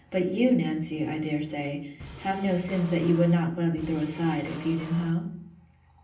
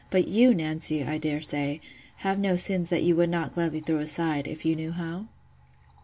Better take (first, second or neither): second